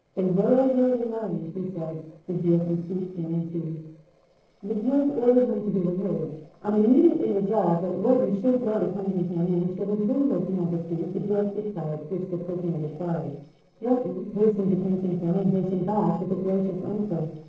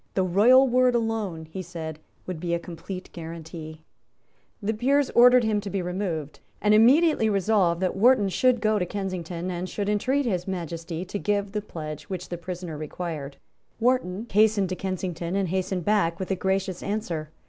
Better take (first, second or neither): second